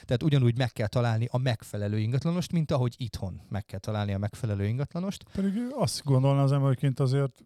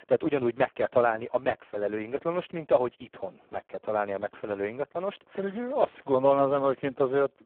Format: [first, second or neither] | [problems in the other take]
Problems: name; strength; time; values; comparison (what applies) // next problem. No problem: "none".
first | phone-call audio; poor line